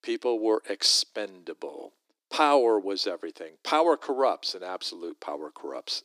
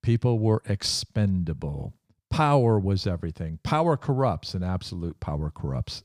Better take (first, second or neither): second